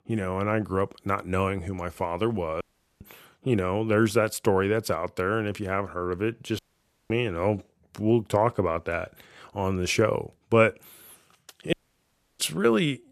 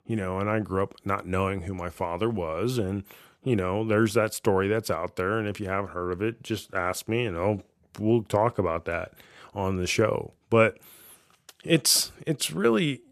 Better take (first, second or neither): second